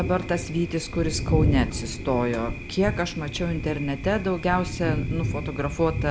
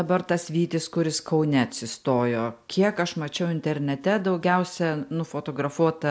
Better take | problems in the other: second | background sound (Thunder); 3 dB below the speech

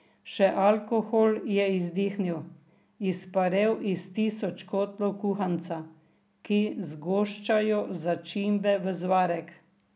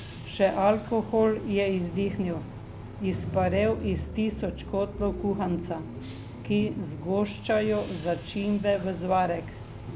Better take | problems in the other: first | background sound (Bus / Engine); 10 dB below the speech

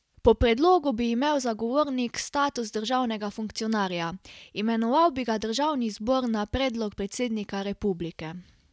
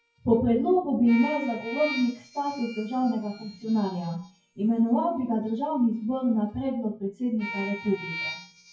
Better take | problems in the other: first | noise reduction (classical method WPE with log-MMSE)

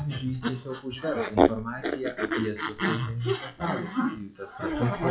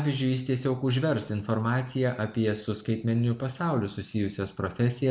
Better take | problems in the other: second | noise reduction (classical method log-MMSE)

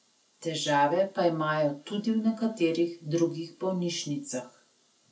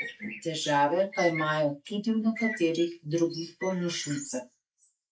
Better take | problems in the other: first | noise reduction (neural mask model Resemble Enhance denoiser)

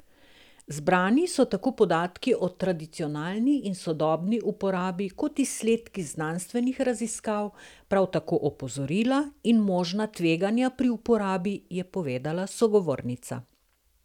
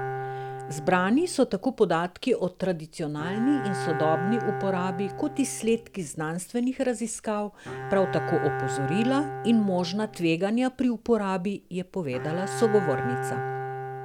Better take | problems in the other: first | background sound (Bowed string instrument); 7 dB below the speech

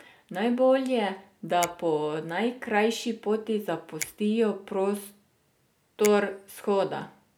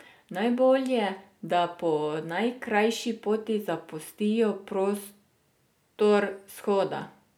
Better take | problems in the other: second | background sound (Finger snapping); 18 dB below the speech

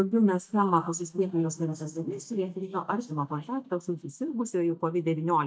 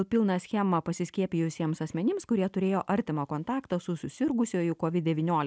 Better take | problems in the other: second | noise reduction (neural mask model DeepFilterNet 3)

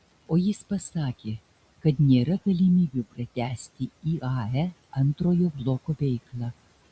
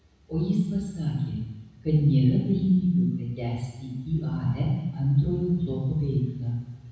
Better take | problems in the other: first | room echo; dies away in 1.1 s

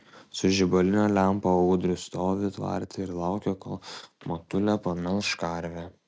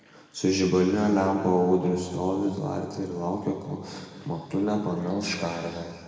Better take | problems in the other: first | room echo; dies away in 2.2 s

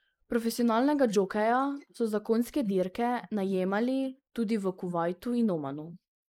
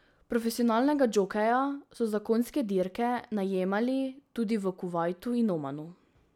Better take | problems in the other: second | noise reduction (neural mask model Resemble Enhance denoiser)

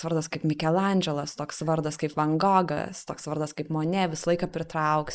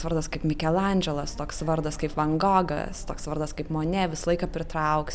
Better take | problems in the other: second | noise reduction (neural mask model Resemble Enhance denoiser)

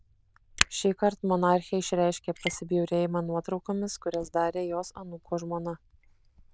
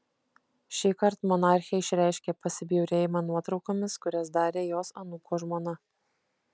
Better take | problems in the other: second | noise reduction (neural diffusion model UNIVERSE++)

